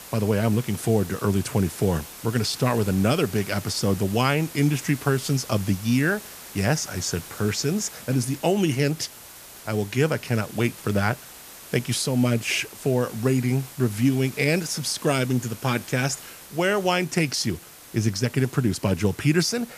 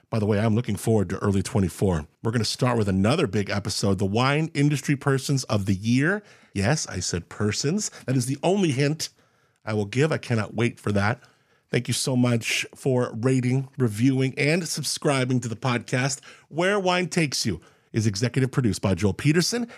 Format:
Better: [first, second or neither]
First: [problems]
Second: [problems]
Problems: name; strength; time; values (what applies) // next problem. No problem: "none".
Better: second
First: hiss; noticeable; throughout; 15 dB below the speech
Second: none